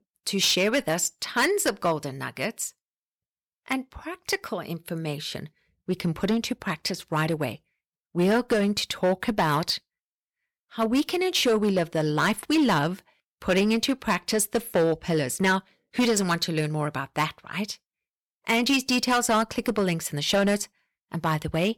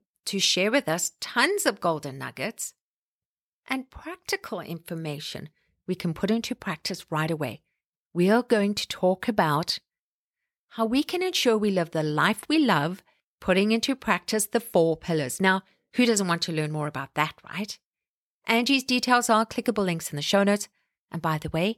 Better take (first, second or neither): second